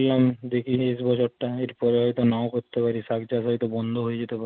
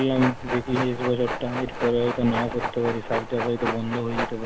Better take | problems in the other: first | background sound (Train); 5 dB below the speech

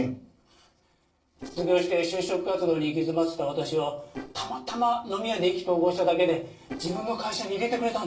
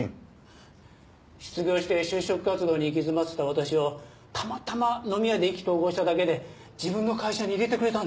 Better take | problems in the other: second | noise reduction (neural separator model SepFormer DNS4)

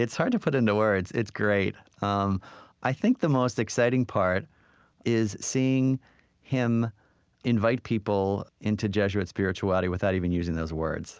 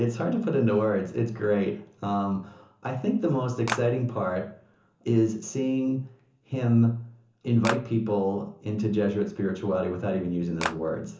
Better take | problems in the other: first | background sound (Clapping); 5 dB below the speech // room echo; dies away in 0.8 s

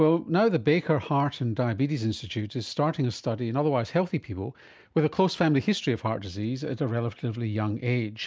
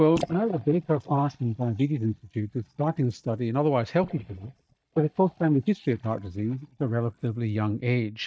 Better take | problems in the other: first | noise reduction (neural mask model DeepFilterNet 3)

